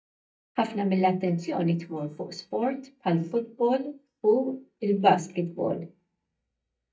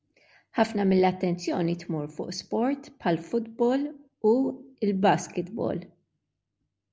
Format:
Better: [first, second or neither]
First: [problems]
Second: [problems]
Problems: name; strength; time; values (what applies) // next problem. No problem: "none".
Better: second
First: noise reduction (neural mask model DeepFilterNet 3)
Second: none